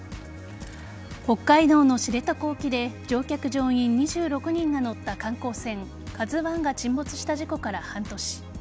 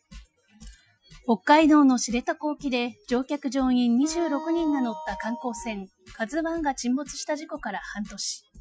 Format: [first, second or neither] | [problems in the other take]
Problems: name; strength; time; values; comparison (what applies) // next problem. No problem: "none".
first | noise reduction (classical method Wiener filter)